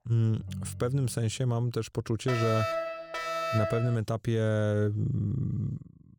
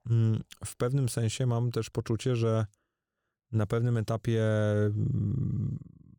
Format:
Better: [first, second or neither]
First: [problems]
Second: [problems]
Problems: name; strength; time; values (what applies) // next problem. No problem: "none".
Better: second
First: phone ringing; noticeable; until 1.5 s; peak 9 dB below the speech // alarm; noticeable; from 2.5 to 4 s; peak 1 dB below the speech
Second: none